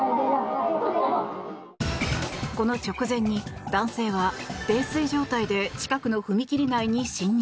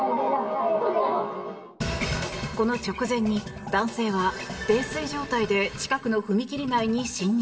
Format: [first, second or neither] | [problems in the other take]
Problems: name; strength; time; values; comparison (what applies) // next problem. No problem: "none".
first | room echo; dies away in 1.9 s